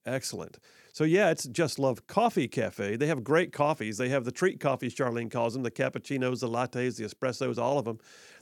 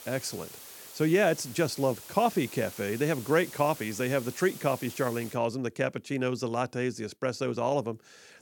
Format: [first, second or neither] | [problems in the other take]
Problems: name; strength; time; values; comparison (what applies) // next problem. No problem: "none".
first | hiss; noticeable; until 5.5 s; 15 dB below the speech